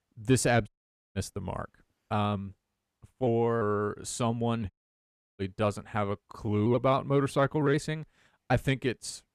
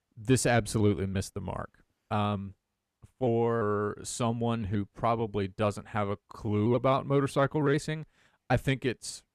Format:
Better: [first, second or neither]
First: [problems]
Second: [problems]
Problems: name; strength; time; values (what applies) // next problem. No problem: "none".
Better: second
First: audio cutting out; at 0.5 s and at 4.5 s for 0.5 s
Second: none